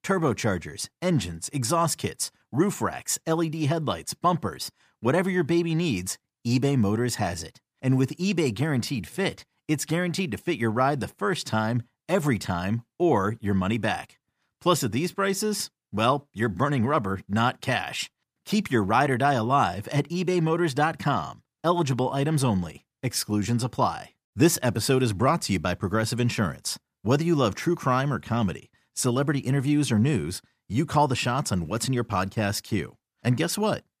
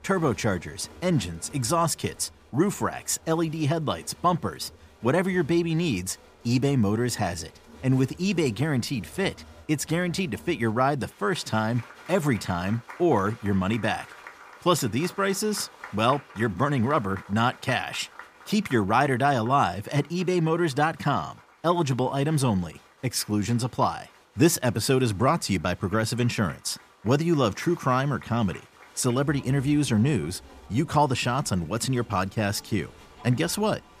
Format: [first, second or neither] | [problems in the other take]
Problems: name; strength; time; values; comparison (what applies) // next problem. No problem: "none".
first | crowd noise; faint; throughout; 20 dB below the speech